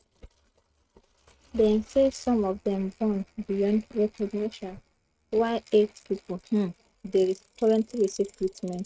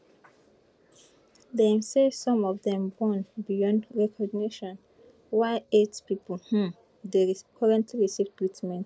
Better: second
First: noise reduction (neural mask model RNNoise)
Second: none

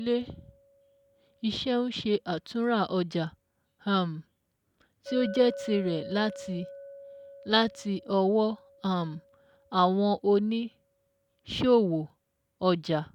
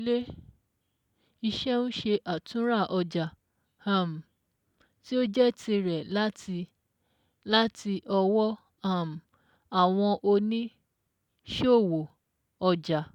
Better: second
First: background sound (Chink, clink); 18 dB below the speech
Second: none

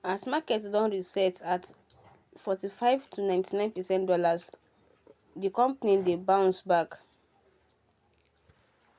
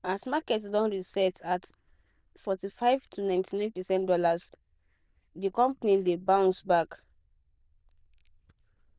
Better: first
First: none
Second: noise reduction (neural diffusion model UNIVERSE++)

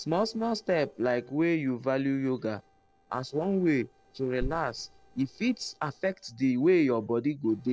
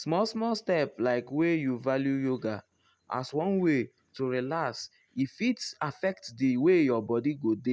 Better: second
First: noise reduction (neural separator model SepFormer DNS4)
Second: none

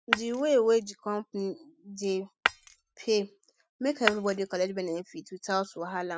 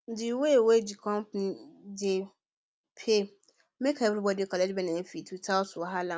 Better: second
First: noise reduction (classical method spectral subtraction)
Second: none

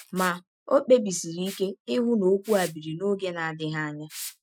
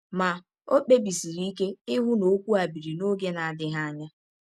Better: second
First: noise reduction (classical method Wiener filter)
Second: none

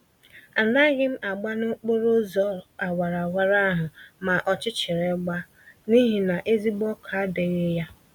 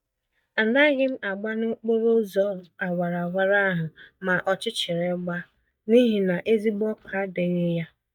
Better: first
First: none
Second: noise reduction (neural mask model DeepFilterNet 3)

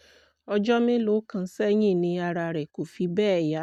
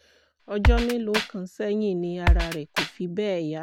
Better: first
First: none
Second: background sound (Drum kit); 4 dB above the speech

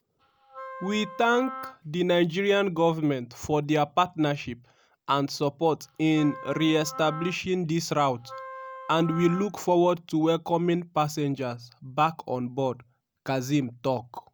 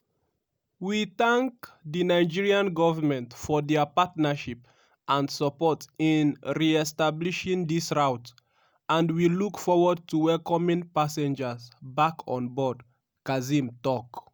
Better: second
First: background sound (Wind instrument, woodwind instrument); 14 dB below the speech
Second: none

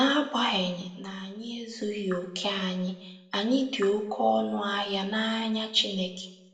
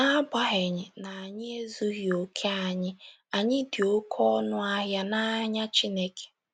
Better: second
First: room echo; dies away in 0.6 s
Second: none

